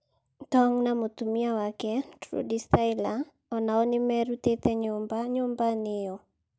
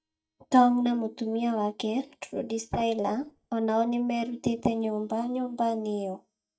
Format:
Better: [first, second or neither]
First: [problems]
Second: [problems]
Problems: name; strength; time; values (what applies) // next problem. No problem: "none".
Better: first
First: none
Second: noise reduction (neural mask model DeepFilterNet 3)